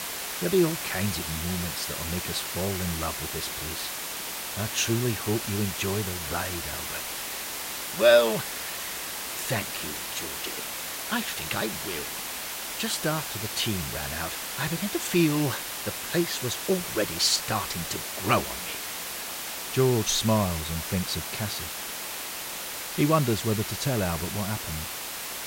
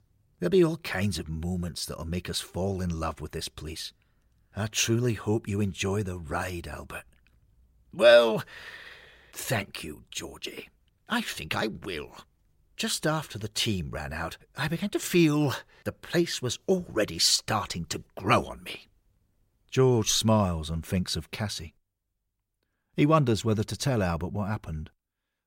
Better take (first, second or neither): second